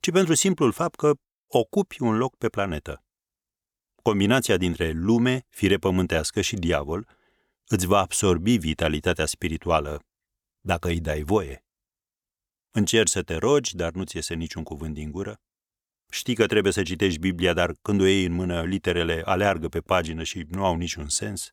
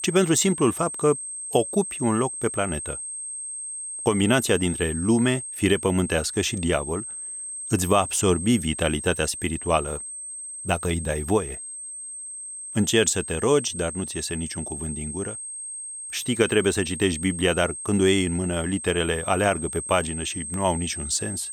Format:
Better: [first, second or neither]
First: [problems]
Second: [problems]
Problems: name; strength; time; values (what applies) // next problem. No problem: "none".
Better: first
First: none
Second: high-pitched whine; loud; throughout; 8.5 kHz, 8 dB below the speech